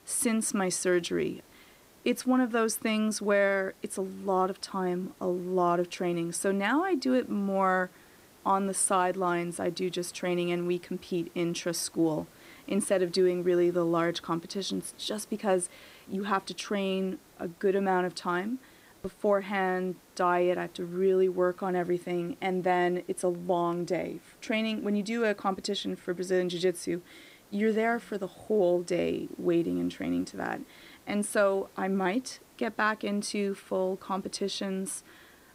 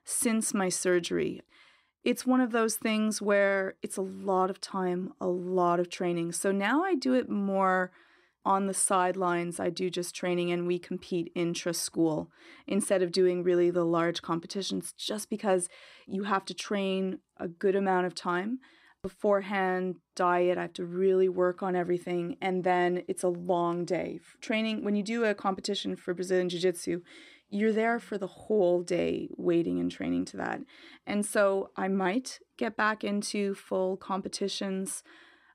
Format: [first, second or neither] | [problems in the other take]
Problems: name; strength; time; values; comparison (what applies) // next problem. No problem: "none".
second | hiss; faint; throughout; 25 dB below the speech